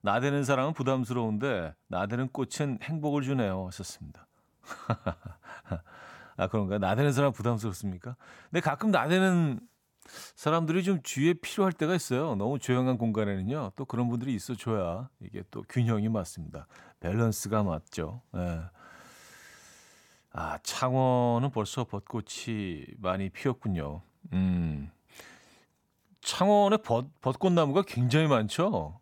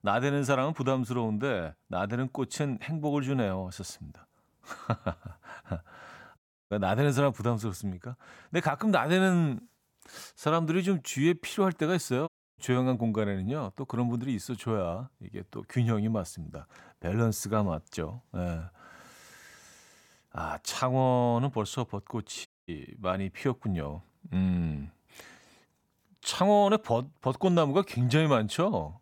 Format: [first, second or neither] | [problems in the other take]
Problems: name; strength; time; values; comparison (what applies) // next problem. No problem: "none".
first | audio cutting out; at 6.5 s, at 12 s and at 22 s